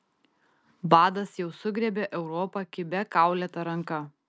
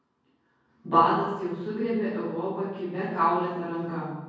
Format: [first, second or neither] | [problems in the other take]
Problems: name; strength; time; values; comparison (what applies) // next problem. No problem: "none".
first | room echo; dies away in 1.3 s